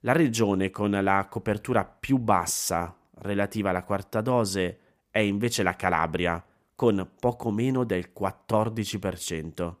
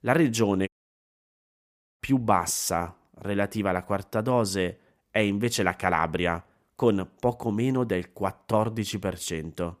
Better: first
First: none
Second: audio cutting out; at 0.5 s for 1.5 s

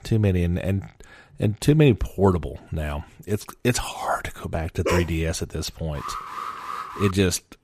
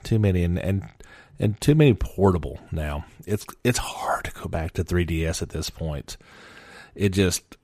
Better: second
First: dog barking; noticeable; at 5 s; peak 2 dB below the speech // alarm; noticeable; from 6 to 7 s; peak 8 dB below the speech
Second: none

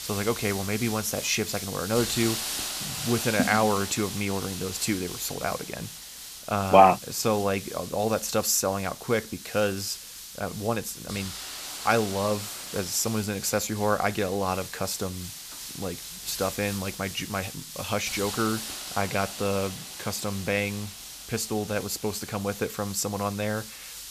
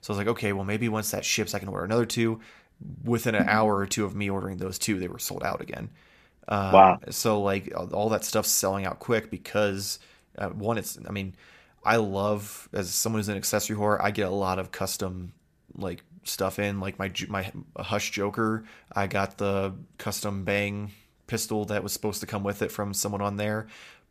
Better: second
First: hiss; loud; throughout; 8 dB below the speech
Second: none

